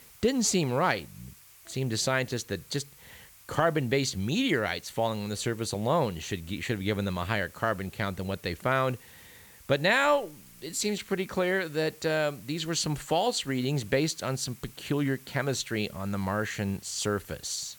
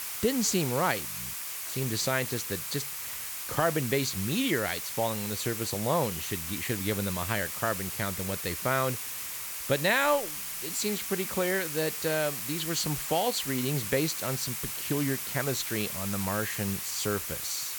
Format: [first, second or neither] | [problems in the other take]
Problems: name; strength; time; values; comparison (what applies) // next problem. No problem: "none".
first | hiss; loud; throughout; 3 dB below the speech; faint in the first